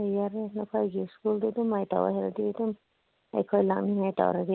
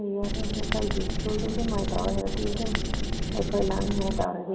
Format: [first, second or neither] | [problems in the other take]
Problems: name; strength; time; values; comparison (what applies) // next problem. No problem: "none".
first | background sound (Writing); 3 dB above the speech // room echo; dies away in 2.4 s